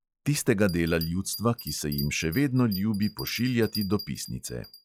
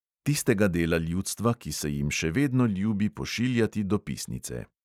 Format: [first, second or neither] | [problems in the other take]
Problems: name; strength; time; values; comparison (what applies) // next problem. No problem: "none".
second | noise reduction (classical method log-MMSE)